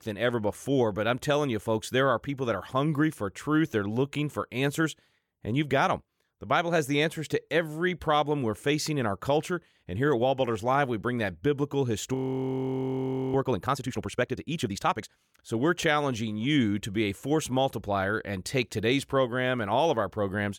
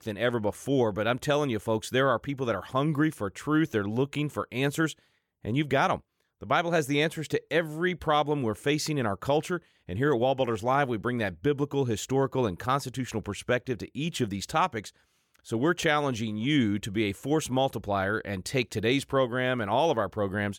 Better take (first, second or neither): second